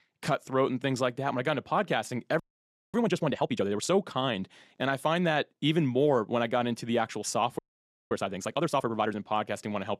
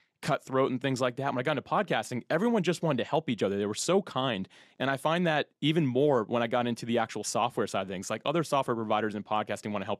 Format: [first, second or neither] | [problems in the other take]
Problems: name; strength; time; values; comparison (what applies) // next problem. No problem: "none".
second | audio freezing; at 2.5 s for 0.5 s and at 7.5 s for 0.5 s